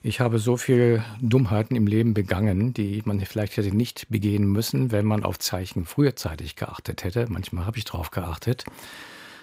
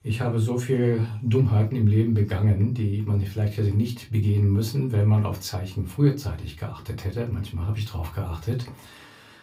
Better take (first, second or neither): first